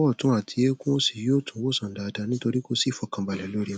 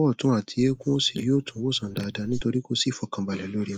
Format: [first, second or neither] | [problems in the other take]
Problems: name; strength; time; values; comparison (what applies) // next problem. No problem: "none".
first | noise reduction (neural mask model Resemble Enhance denoiser)